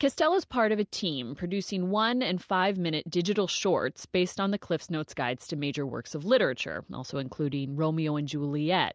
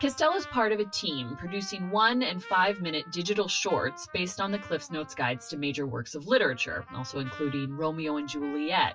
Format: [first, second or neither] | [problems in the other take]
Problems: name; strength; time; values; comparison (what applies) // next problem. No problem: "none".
first | noise reduction (classical method WPE with log-MMSE)